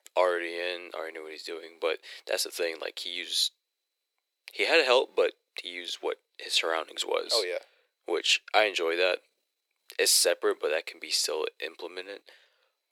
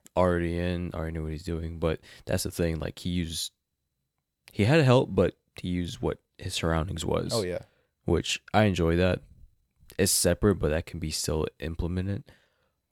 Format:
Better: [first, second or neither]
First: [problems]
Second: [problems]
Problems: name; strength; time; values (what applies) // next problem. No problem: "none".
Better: second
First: thin; very; fading below 400 Hz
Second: none